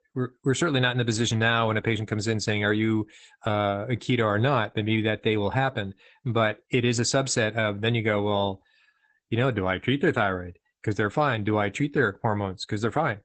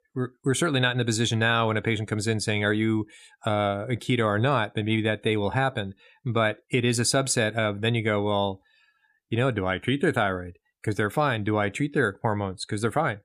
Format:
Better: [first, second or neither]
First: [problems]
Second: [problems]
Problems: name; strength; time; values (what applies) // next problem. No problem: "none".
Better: second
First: garbled, watery; badly; nothing above 8 kHz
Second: none